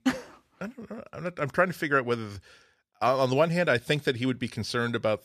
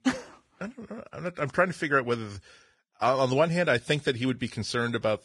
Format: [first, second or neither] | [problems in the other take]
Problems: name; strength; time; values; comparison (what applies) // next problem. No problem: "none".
first | garbled, watery; badly; nothing above 10.5 kHz